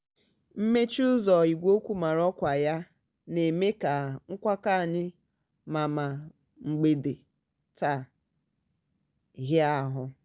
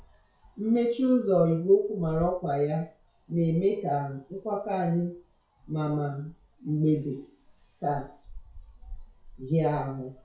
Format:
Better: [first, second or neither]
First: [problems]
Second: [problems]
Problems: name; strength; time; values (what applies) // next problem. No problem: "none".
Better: first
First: none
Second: noise reduction (classical method WPE with log-MMSE)